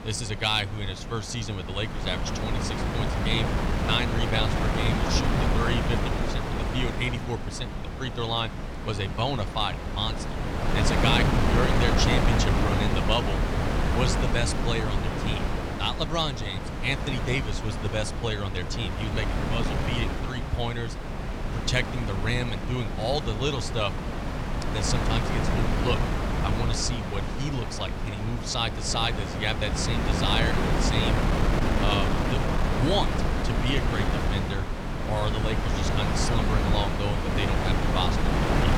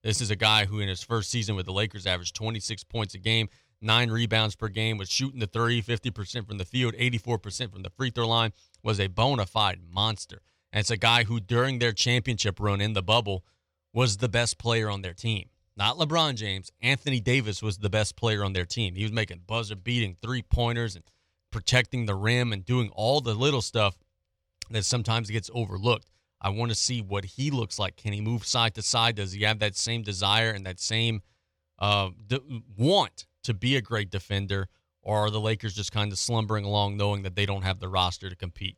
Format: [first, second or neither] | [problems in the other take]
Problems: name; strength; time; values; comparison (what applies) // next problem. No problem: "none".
second | wind noise on the microphone; heavy; 1 dB below the speech